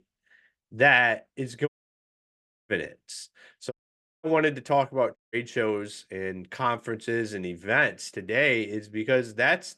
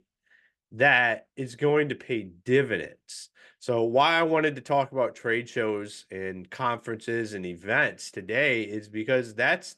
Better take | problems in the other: second | audio cutting out; at 1.5 s for 1 s, at 3.5 s for 0.5 s and at 5 s

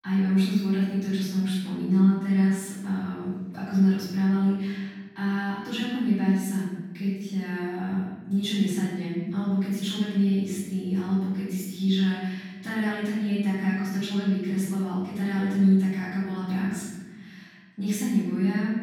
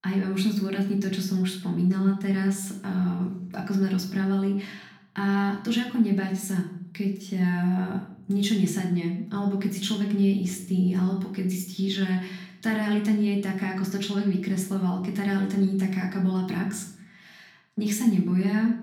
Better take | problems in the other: second | room echo; strong; dies away in 1.3 s; slight in the second // off-mic speech; far; far in the second

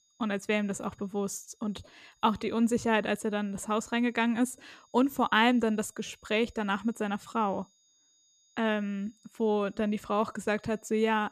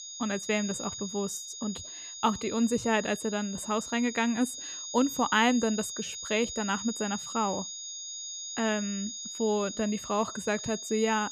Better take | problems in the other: first | high-pitched whine; loud; throughout; 6.5 kHz, 7 dB below the speech; faint in the first

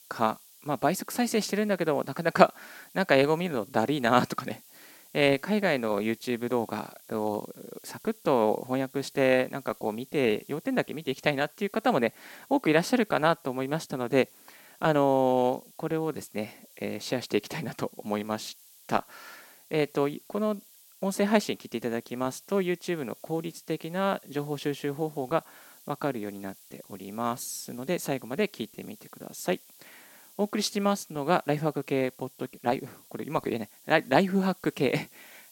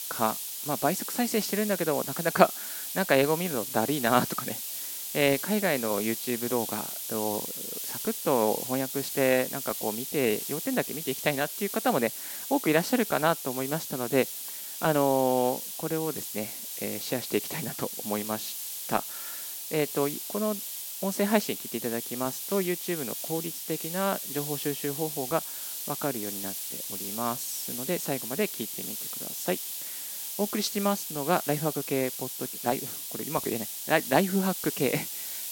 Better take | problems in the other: first | hiss; loud; throughout; 4 dB below the speech; faint in the first

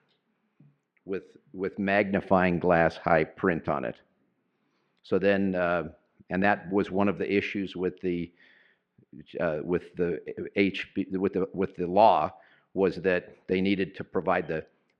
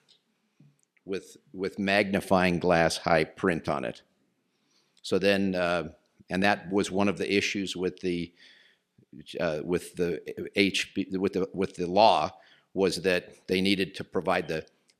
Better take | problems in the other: second | muffled; very; fading above 1.5 kHz

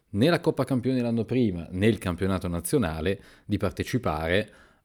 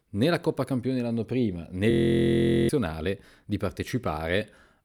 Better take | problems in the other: first | audio freezing; at 2 s for 1 s

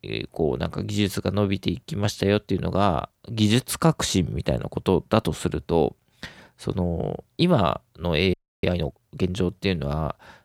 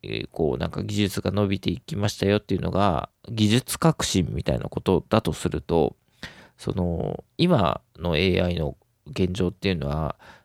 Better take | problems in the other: second | audio freezing; at 8.5 s

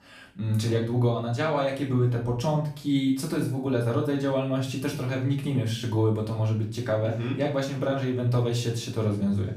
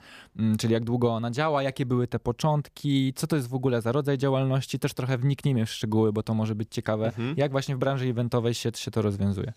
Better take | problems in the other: second | off-mic speech; far // room echo; slight; dies away in 0.4 s

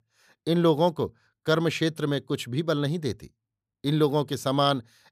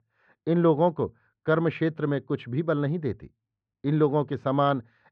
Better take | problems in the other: first | muffled; very; fading above 2 kHz

